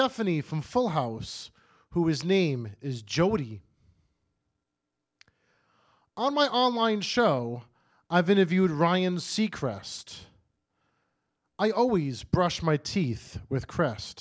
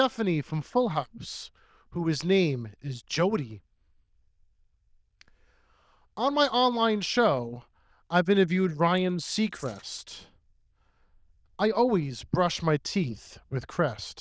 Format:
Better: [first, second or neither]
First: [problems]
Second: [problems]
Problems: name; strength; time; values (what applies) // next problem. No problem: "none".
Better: first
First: none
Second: noise reduction (neural diffusion model UNIVERSE++)